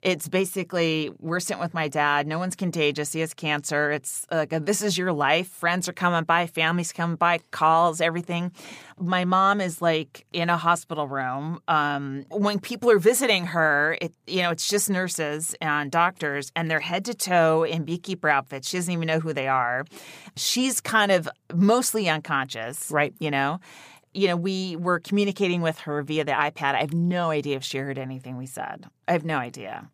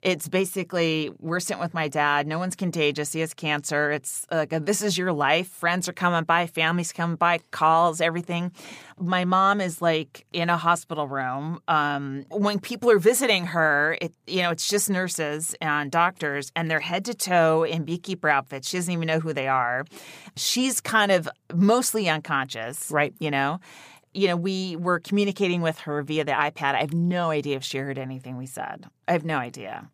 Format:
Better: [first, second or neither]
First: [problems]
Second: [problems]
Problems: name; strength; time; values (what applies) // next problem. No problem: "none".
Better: neither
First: none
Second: none